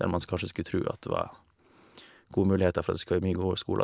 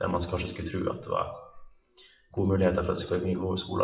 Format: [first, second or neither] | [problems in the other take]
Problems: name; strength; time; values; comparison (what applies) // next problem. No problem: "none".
first | noise reduction (classical method WPE with log-MMSE)